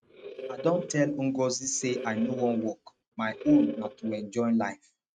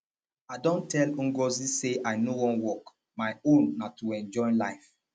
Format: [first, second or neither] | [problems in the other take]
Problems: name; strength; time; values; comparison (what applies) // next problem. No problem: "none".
second | noise reduction (neural mask model RNNoise)